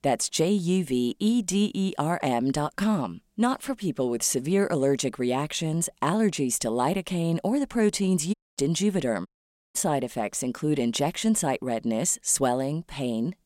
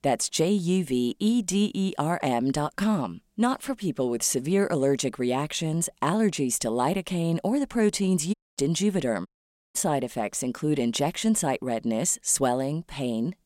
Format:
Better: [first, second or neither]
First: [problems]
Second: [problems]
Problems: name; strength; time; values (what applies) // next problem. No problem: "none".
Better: neither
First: audio cutting out; at 8.5 s and at 9.5 s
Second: audio cutting out; at 8.5 s and at 9.5 s